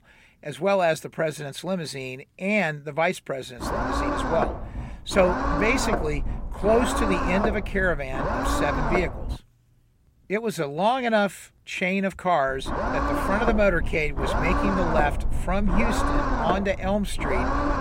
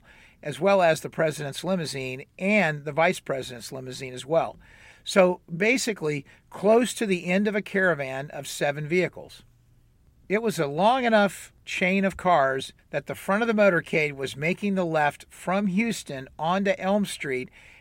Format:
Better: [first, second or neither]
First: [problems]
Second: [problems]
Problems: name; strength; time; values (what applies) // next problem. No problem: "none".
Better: second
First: low rumble; loud; from 3.5 to 9.5 s and from 12 s on; 1 dB below the speech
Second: none